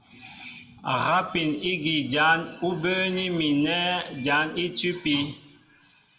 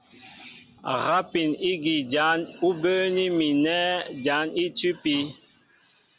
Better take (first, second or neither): second